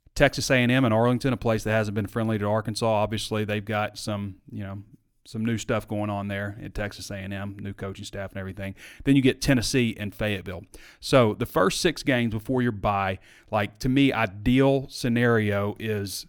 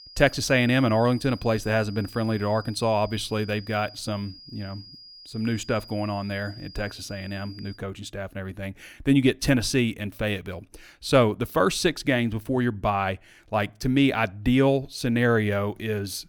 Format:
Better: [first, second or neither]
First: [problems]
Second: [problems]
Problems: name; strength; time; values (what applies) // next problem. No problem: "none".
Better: first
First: none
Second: high-pitched whine; noticeable; until 8 s; 5 kHz, 20 dB below the speech